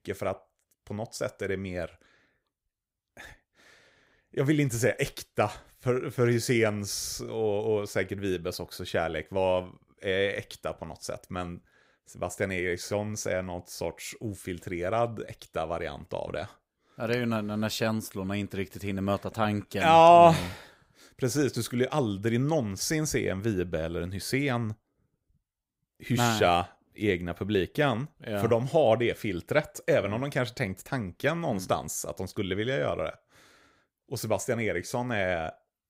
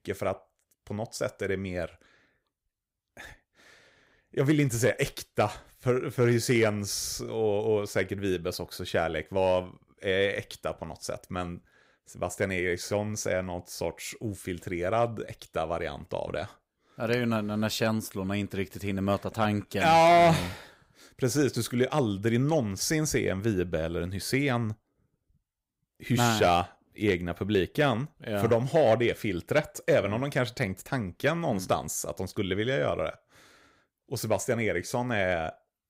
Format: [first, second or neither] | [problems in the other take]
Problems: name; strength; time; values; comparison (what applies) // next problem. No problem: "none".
first | distortion; slight; 0.9% of the sound clipped